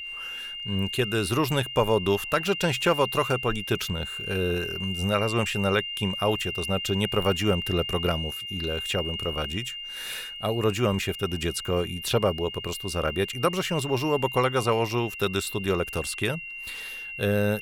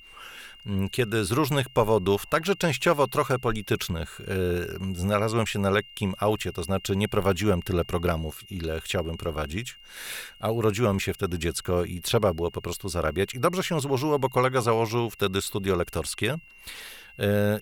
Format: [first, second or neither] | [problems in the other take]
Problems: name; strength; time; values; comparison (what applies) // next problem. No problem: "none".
second | high-pitched whine; loud; throughout; 3 kHz, 6 dB below the speech; faint in the second